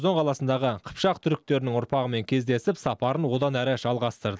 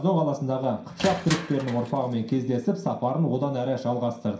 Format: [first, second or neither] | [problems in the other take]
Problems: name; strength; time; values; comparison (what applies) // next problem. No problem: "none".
first | background sound (Crushing); 14 dB below the speech // room echo; dies away in 0.5 s